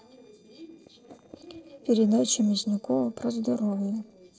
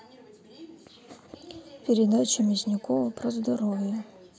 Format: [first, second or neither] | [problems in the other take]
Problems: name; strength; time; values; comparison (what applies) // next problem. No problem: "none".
second | noise reduction (neural separator model SepFormer DNS4)